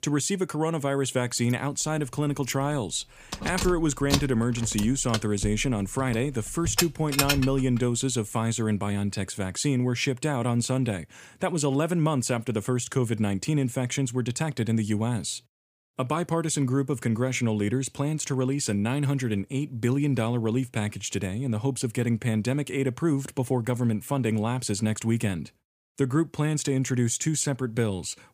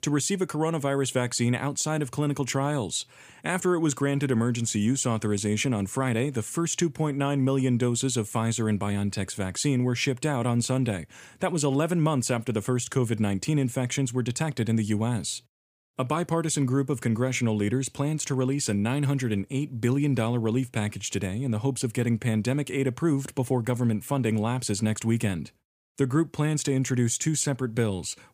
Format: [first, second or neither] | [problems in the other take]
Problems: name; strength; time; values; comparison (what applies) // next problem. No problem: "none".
second | jangling keys; loud; from 2.5 to 7.5 s; peak 2 dB above the speech